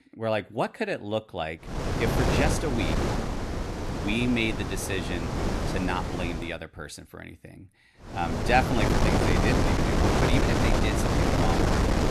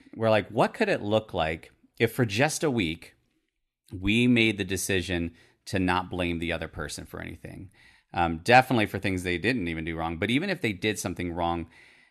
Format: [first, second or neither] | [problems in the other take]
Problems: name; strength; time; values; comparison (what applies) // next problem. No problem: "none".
second | wind noise on the microphone; heavy; from 2 to 6.5 s and from 8 s on; 1 dB above the speech